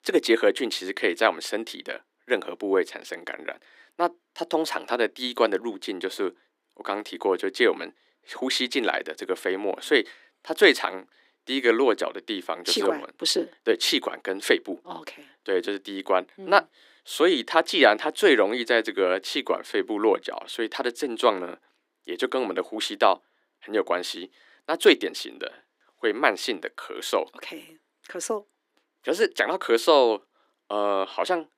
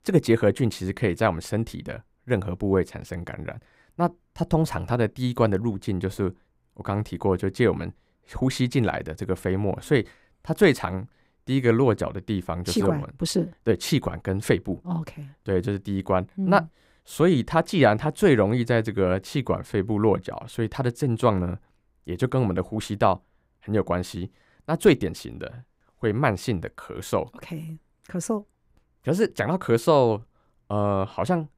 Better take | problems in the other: second | thin; somewhat; fading below 300 Hz

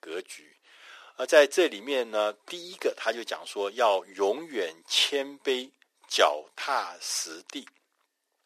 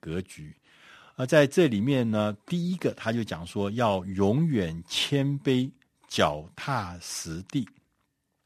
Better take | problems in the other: second | thin; very; fading below 400 Hz

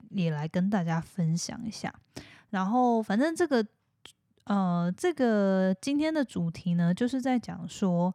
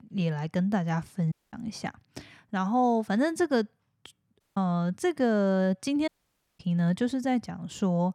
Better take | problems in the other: first | audio cutting out; at 1.5 s, at 4.5 s and at 6 s for 0.5 s

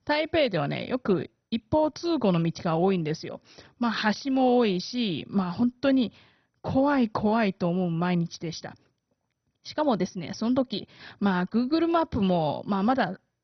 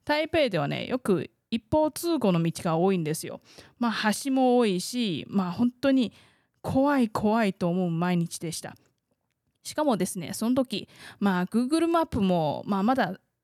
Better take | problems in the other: second | garbled, watery; badly; nothing above 6 kHz

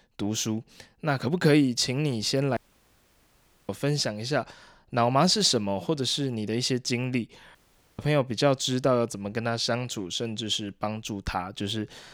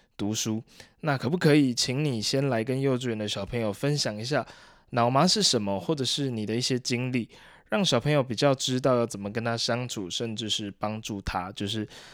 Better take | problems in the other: second | audio cutting out; at 2.5 s for 1 s and at 7.5 s

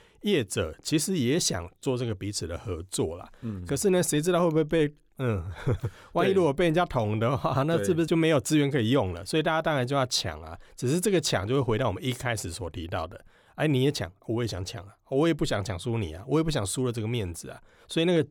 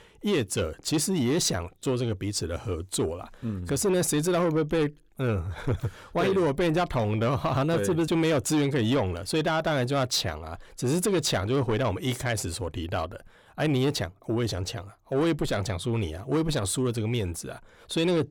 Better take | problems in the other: first | distortion; slight; 10 dB below the speech

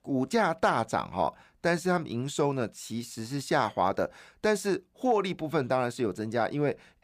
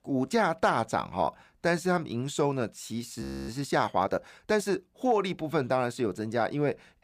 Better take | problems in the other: first | audio freezing; at 3 s

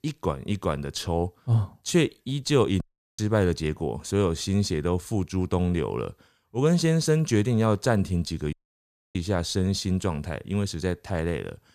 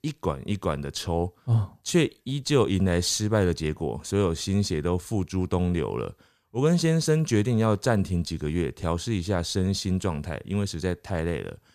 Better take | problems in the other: second | audio cutting out; at 3 s and at 8.5 s for 0.5 s

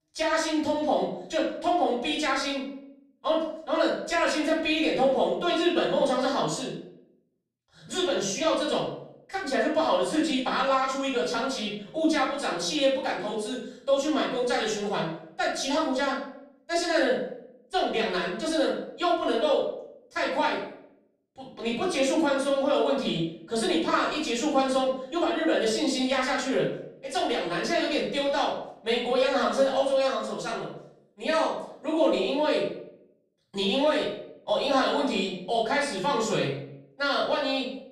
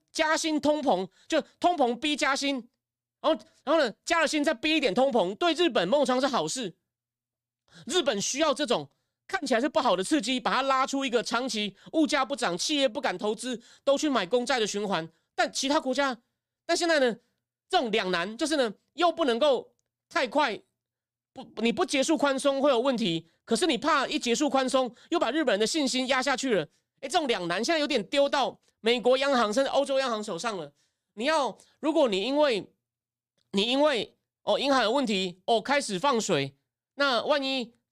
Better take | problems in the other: second | off-mic speech; far // room echo; noticeable; dies away in 0.6 s

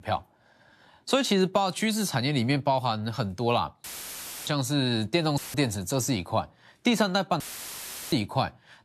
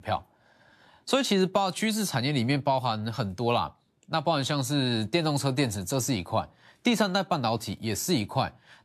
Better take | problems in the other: second | audio cutting out; filled with static; at 4 s for 0.5 s, at 5.5 s and at 7.5 s for 0.5 s

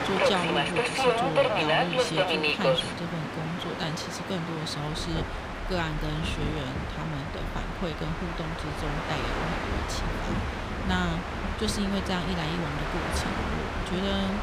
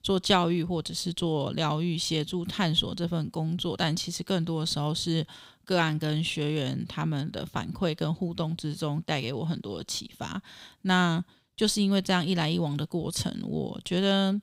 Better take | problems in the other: second | train or aircraft noise; very loud; throughout; 3 dB above the speech

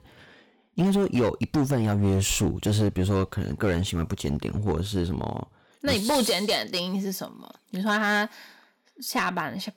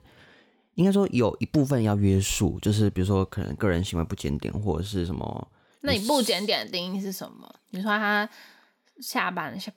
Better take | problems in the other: second | distortion; slight; 7% of the sound clipped

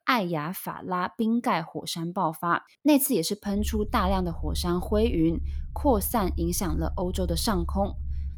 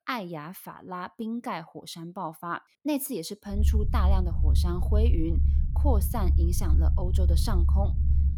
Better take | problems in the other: first | low rumble; loud; from 3.5 s on; 8 dB below the speech; faint in the first

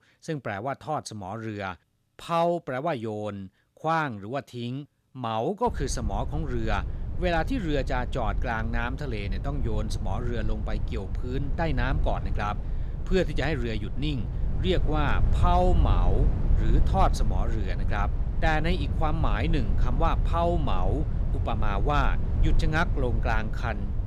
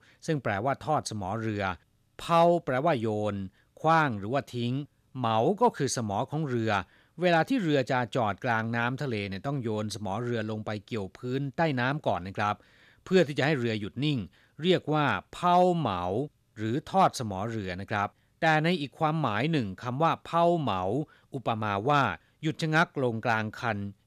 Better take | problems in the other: second | low rumble; noticeable; from 5.5 s on; 15 dB below the speech

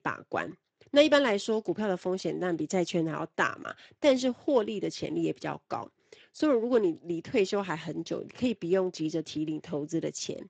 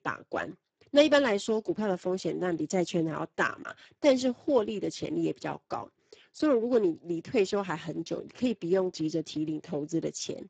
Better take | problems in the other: first | garbled, watery; badly; nothing above 7.5 kHz; slightly in the first

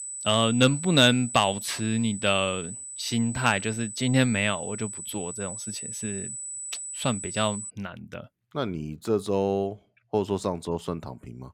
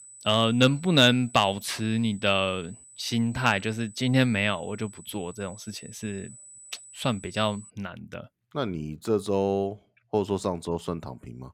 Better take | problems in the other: second | high-pitched whine; loud; until 7.5 s; 8 kHz, 9 dB below the speech; faint in the second

